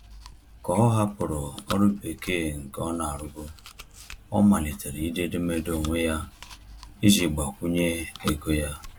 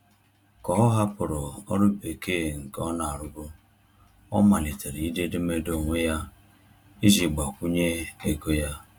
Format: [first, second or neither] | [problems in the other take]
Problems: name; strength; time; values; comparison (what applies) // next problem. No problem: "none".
second | background sound (Chewing, mastication); 18 dB below the speech